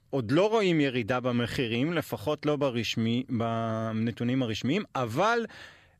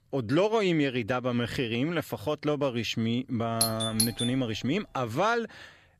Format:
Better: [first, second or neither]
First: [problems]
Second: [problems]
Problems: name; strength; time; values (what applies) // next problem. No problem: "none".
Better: first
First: none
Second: doorbell; loud; at 3.5 s; peak 1 dB above the speech